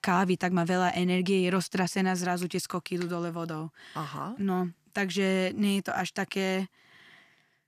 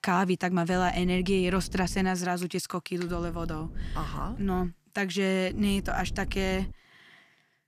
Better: first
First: none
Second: low rumble; faint; from 0.5 to 2 s, from 3 to 4.5 s and from 5.5 to 6.5 s; 20 dB below the speech

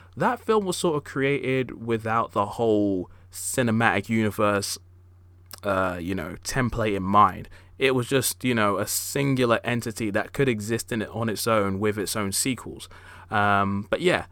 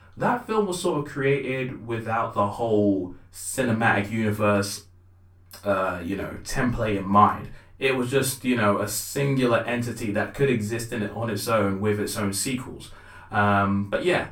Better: first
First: none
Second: off-mic speech; far // room echo; very slight; dies away in 0.2 s

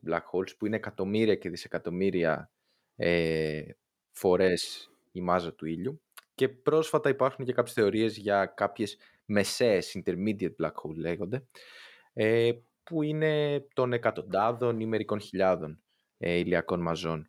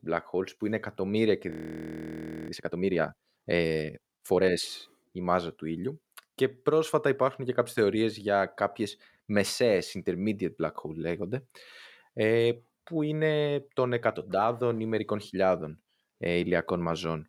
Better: first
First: none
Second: audio freezing; at 1.5 s for 1 s

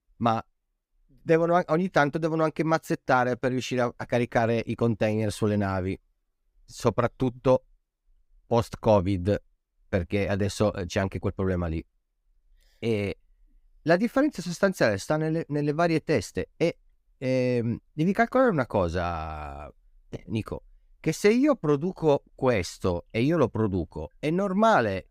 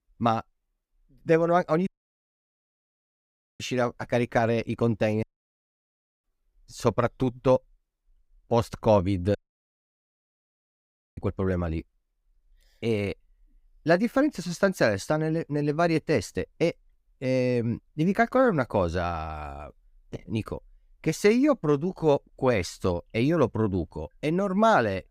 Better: first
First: none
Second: audio cutting out; at 2 s for 1.5 s, at 5 s for 1 s and at 9.5 s for 2 s

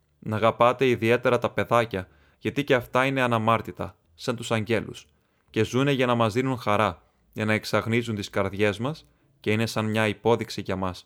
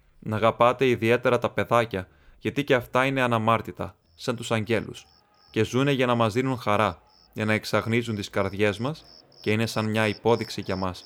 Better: first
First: none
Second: animal sounds; faint; throughout; 25 dB below the speech

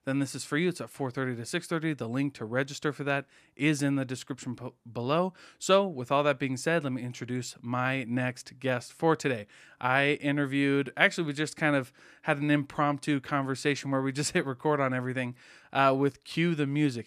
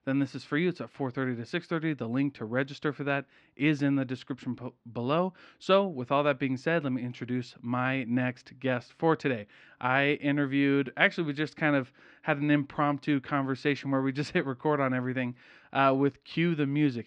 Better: first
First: none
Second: muffled; slightly; fading above 4 kHz

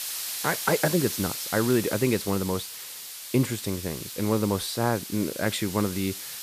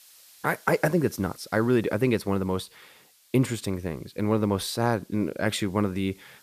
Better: second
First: hiss; loud; throughout; 6 dB below the speech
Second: hiss; faint; throughout; 25 dB below the speech

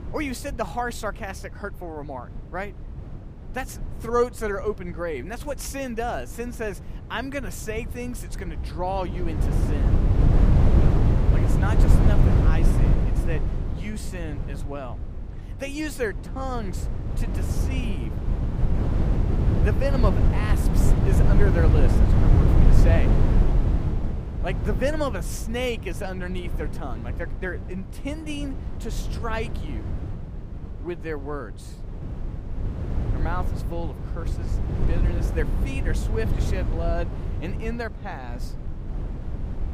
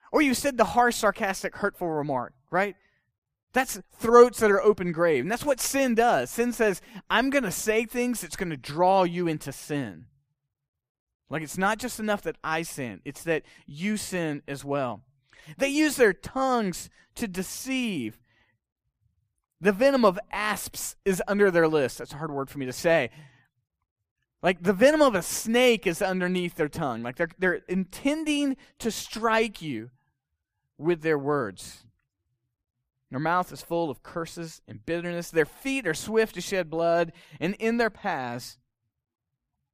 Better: second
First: wind noise on the microphone; heavy; 3 dB below the speech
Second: none

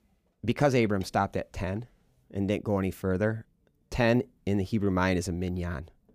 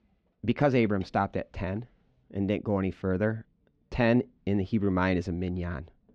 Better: first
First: none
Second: muffled; very slightly; fading above 4 kHz

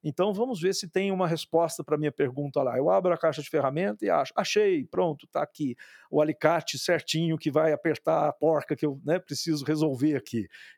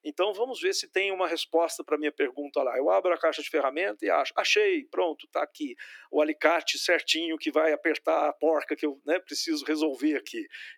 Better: first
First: none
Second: thin; somewhat; fading below 300 Hz

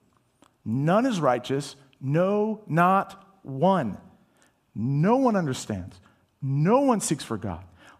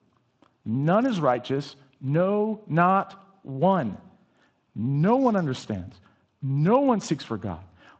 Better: first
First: none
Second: garbled, watery; slightly; nothing above 7.5 kHz

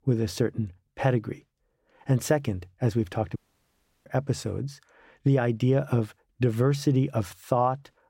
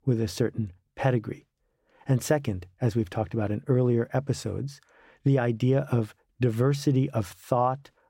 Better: second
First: audio cutting out; at 3.5 s for 0.5 s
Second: none

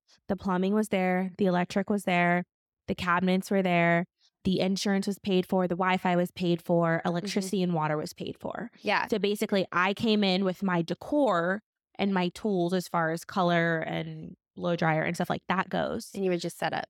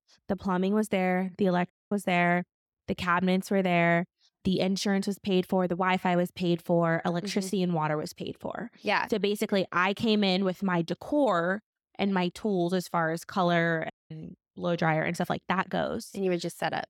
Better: first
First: none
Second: audio cutting out; at 1.5 s and at 14 s

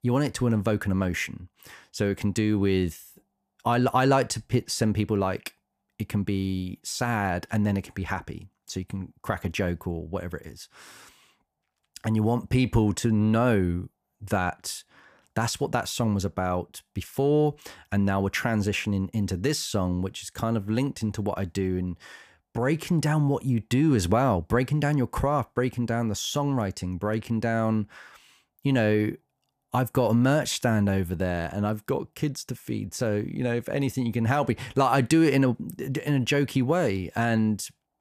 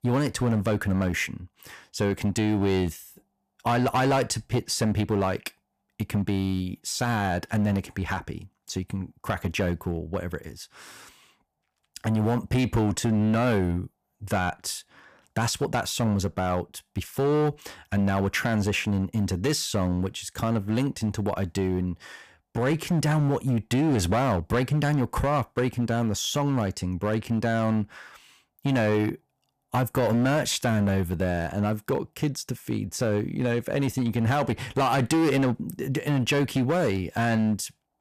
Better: first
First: none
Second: distortion; slight; 10% of the sound clipped

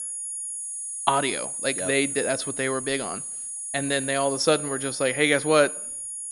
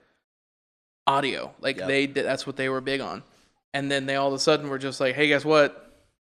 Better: second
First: high-pitched whine; loud; throughout; 10 kHz, 5 dB below the speech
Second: none

